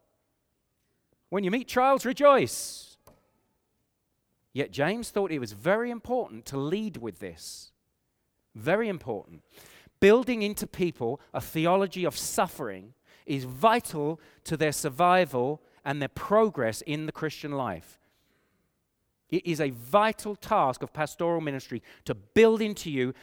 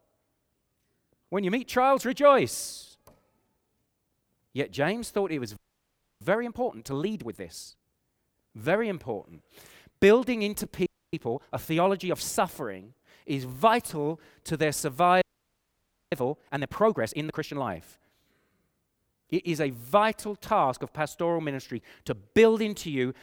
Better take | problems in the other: first | audio freezing; at 5.5 s for 0.5 s, at 11 s and at 15 s for 1 s

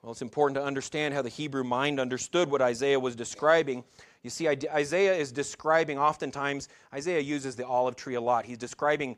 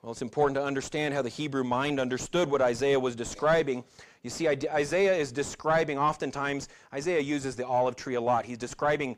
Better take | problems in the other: first | distortion; slight; 10 dB below the speech

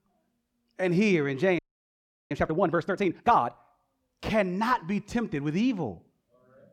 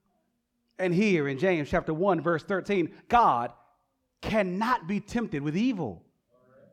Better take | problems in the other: second | audio freezing; at 1.5 s for 0.5 s

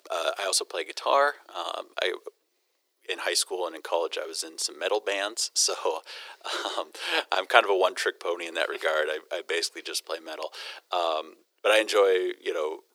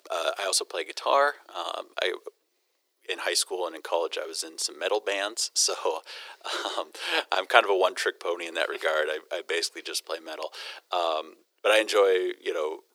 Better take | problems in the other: neither | thin; very; fading below 350 Hz; the same in both

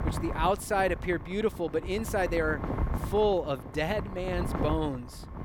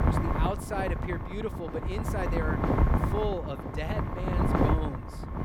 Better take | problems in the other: first | wind noise on the microphone; heavy; 2 dB above the speech; occasional gusts in the first

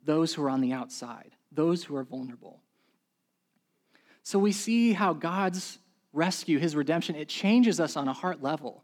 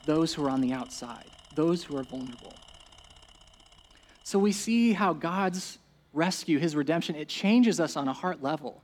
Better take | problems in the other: first | machinery noise; faint; throughout; 25 dB below the speech

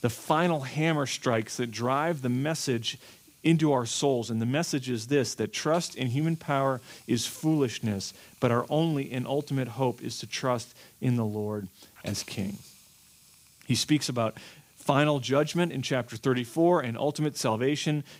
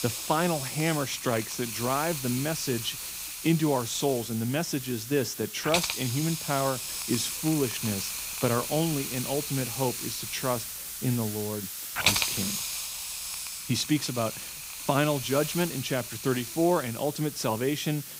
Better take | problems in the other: first | hiss; loud; throughout; 3 dB below the speech; faint in the first

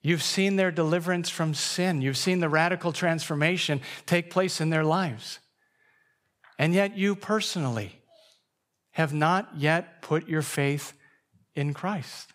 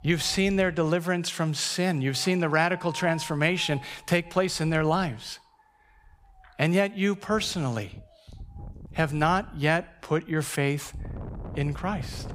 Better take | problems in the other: first | wind noise on the microphone; occasional gusts; 20 dB below the speech

